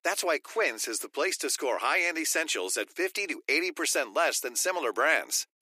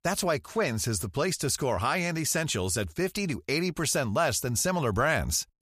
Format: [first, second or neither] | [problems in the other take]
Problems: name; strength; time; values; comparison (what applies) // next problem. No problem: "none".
second | thin; very; fading below 300 Hz